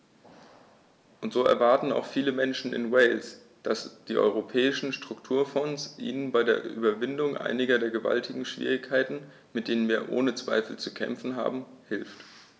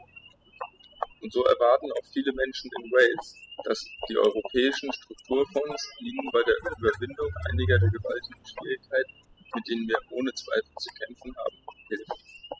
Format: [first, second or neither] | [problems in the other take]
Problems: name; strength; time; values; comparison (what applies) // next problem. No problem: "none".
first | noise reduction (classical method spectral subtraction)